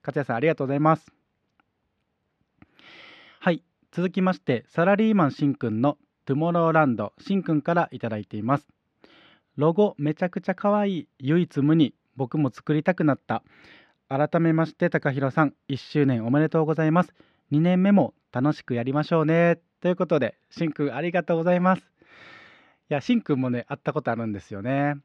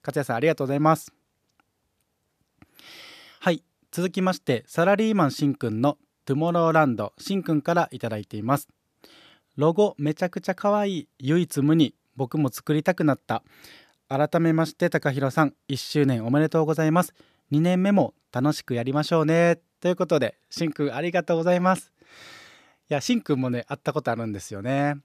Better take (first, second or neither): second